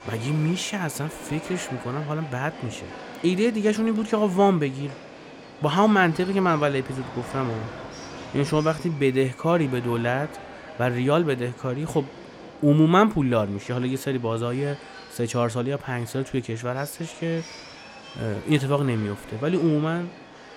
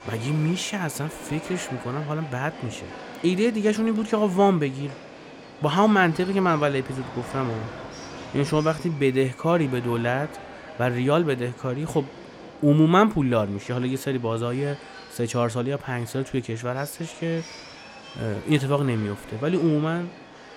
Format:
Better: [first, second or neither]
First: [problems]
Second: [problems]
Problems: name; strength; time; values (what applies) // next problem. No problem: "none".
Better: neither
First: train or aircraft noise; noticeable; throughout; 15 dB below the speech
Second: train or aircraft noise; noticeable; throughout; 15 dB below the speech